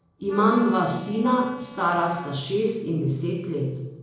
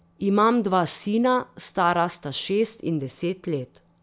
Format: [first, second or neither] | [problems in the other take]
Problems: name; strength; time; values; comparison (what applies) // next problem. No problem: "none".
second | noise reduction (neural separator model SepFormer DNS4)